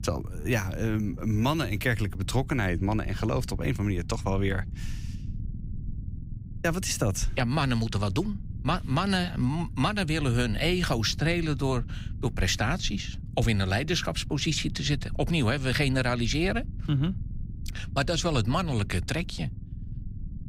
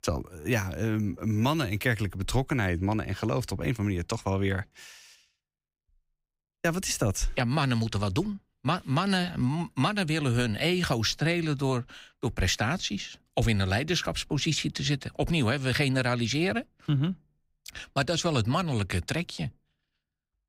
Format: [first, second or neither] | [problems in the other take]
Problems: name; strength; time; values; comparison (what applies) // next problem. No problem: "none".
second | low rumble; faint; throughout; 20 dB below the speech